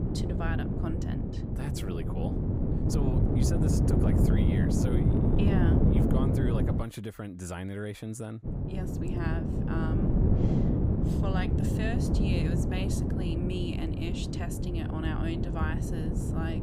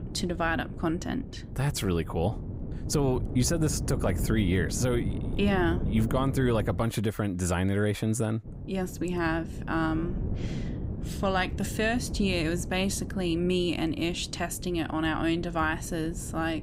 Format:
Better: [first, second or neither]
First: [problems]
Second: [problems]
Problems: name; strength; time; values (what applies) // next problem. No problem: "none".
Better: second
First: wind noise on the microphone; heavy; until 7 s and from 8.5 s on; 3 dB above the speech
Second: wind noise on the microphone; occasional gusts; until 7 s and from 8.5 s on; 15 dB below the speech